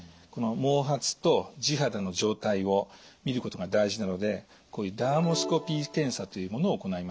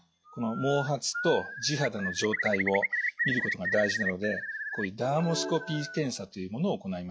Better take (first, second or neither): first